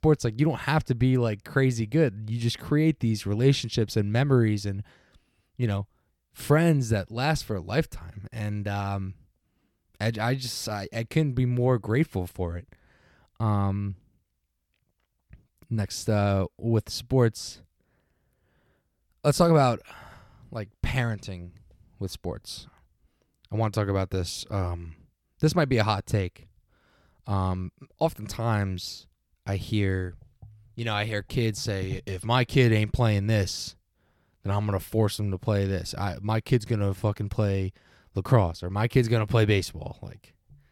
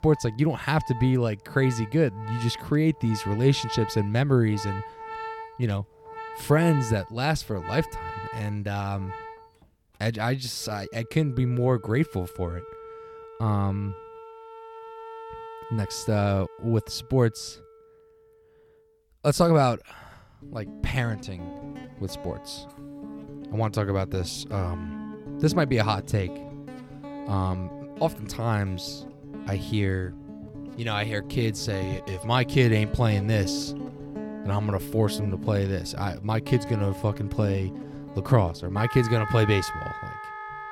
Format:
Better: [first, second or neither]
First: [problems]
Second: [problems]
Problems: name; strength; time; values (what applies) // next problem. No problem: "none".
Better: first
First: none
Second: background music; noticeable; throughout; 10 dB below the speech